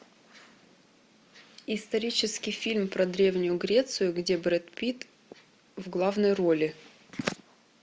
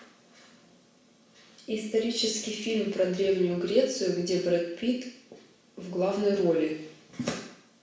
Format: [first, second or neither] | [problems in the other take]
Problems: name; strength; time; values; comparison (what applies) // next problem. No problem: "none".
first | room echo; dies away in 0.7 s